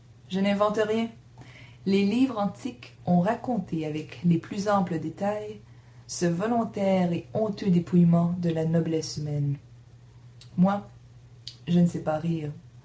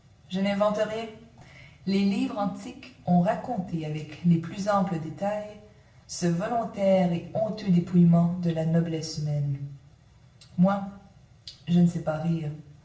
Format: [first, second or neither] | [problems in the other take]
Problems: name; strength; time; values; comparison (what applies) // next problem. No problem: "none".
first | room echo; dies away in 0.7 s